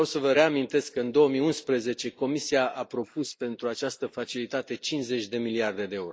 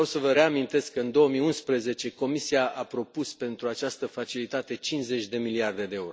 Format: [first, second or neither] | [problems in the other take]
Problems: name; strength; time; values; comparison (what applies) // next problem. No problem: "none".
second | noise reduction (neural mask model Resemble Enhance denoiser)